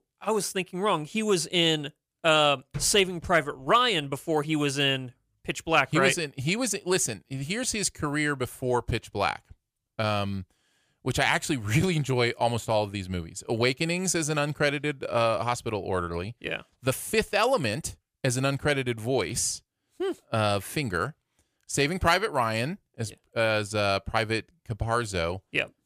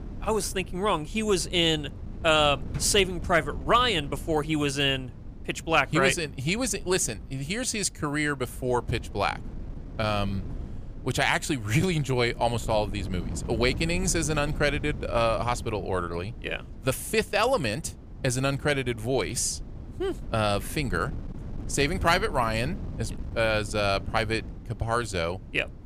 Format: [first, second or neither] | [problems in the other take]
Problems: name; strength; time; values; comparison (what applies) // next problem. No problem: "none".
first | wind noise on the microphone; occasional gusts; 25 dB below the speech